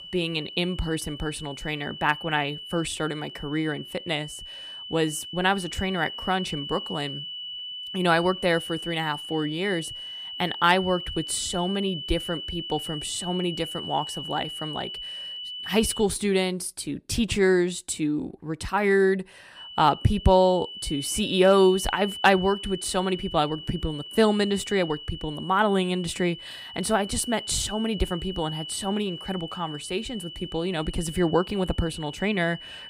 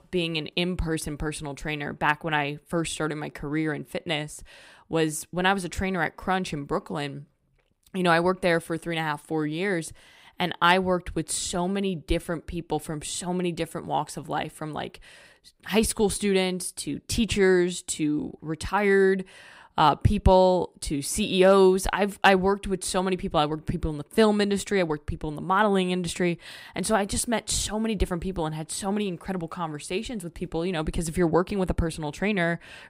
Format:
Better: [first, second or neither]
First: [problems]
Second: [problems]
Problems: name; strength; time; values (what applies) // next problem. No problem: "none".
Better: second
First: high-pitched whine; loud; until 16 s and from 20 s on; 3 kHz, 10 dB below the speech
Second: none